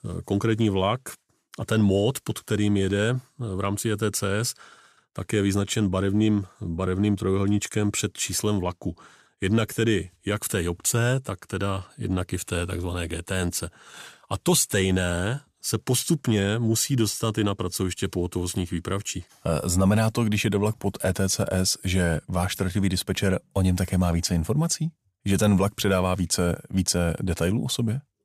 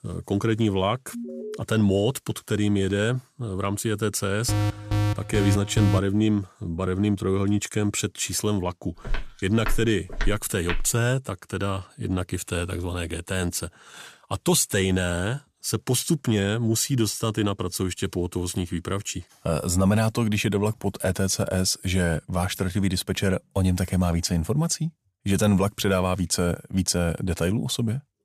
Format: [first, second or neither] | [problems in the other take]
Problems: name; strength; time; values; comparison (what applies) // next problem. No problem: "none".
first | alarm; noticeable; at 1 s and from 4.5 to 6 s; peak level with the speech // footsteps; noticeable; from 9 to 11 s; peak 8 dB below the speech